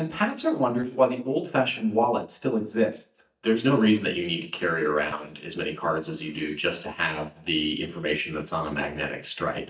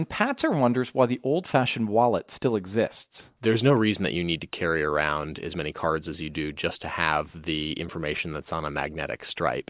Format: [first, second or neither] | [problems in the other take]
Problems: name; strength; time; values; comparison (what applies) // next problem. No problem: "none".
second | noise reduction (neural mask model DeepFilterNet 3)